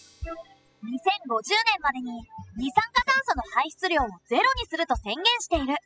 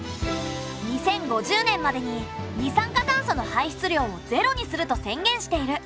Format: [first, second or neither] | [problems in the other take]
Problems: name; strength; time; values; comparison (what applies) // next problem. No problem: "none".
second | noise reduction (classical method spectral subtraction)